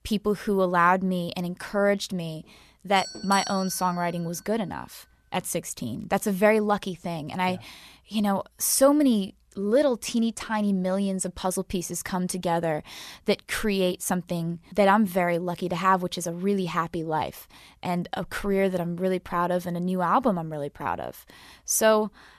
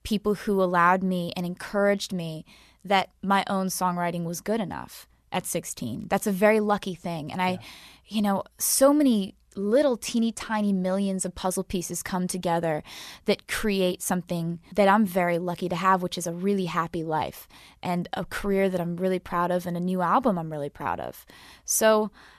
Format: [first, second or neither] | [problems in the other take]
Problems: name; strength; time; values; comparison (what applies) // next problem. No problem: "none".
second | doorbell; noticeable; from 3 to 4 s; peak 7 dB below the speech